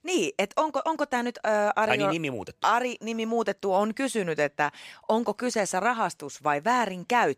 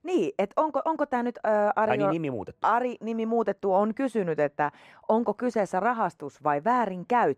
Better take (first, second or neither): first